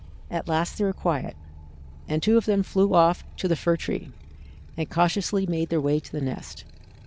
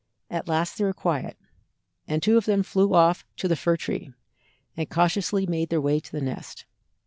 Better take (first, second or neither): second